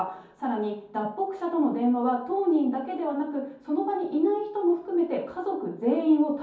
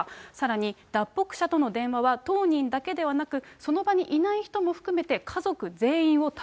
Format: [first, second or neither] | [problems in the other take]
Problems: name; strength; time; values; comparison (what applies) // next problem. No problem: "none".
second | room echo; dies away in 0.6 s